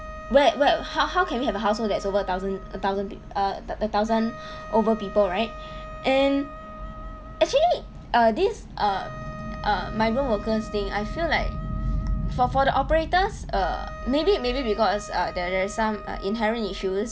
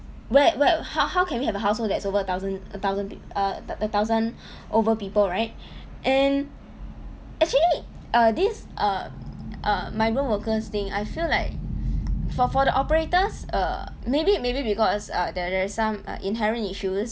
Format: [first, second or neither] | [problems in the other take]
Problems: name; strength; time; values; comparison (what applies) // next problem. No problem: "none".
second | background sound (Wind instrument, woodwind instrument); 17 dB below the speech